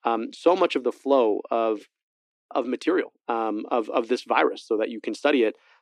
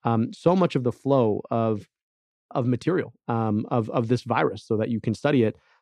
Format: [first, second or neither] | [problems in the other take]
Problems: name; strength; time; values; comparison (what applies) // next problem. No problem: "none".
second | thin; somewhat; fading below 300 Hz